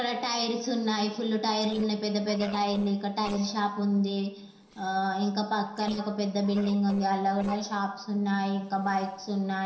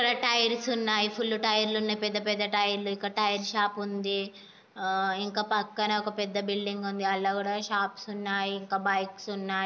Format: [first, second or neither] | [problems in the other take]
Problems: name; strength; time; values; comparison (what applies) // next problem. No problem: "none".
second | noise reduction (neural separator model SepFormer DNS4)